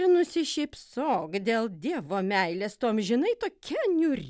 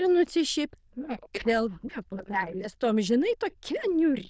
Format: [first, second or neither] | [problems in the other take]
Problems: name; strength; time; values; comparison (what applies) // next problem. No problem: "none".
first | noise reduction (neural diffusion model UNIVERSE++)